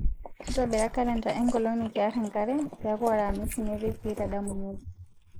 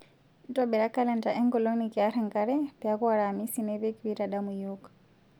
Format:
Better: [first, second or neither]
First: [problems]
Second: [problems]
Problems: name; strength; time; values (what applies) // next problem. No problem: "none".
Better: second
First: noise reduction (neural mask model Resemble Enhance denoiser)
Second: none